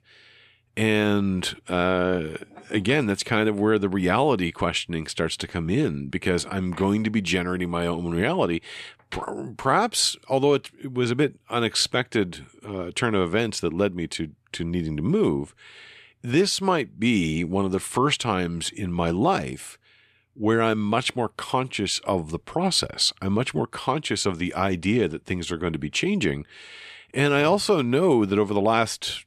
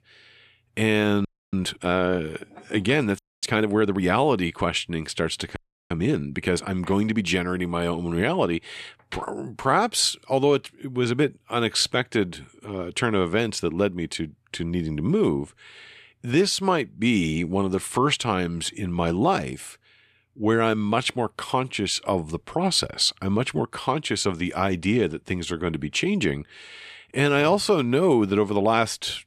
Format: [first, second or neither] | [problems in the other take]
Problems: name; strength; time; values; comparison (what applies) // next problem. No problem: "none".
first | audio freezing; at 1.5 s, at 3 s and at 5.5 s